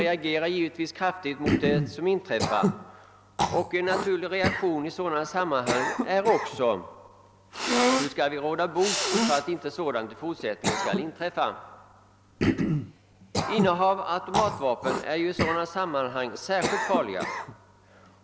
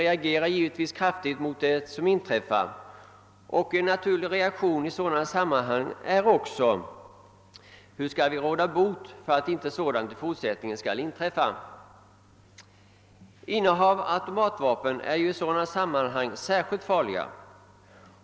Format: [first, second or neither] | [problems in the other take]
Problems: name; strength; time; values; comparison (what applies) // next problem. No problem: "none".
second | background sound (Cough); 2 dB below the speech